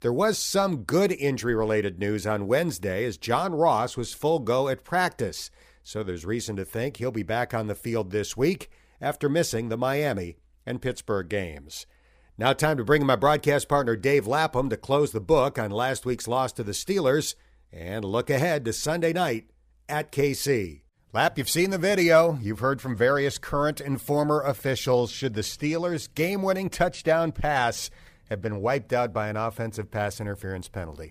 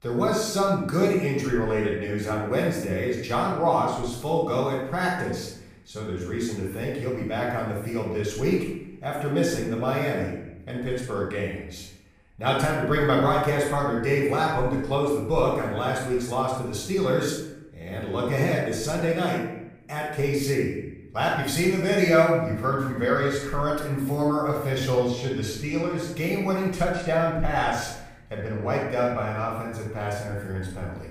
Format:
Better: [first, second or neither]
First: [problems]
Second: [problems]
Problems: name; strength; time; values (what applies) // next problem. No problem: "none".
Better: first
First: none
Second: off-mic speech; far // room echo; noticeable; dies away in 0.8 s